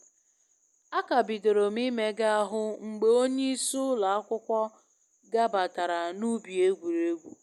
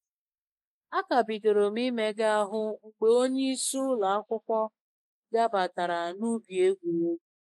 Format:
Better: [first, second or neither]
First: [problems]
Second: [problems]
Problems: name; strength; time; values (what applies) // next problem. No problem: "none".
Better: first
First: none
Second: noise reduction (neural mask model Resemble Enhance denoiser)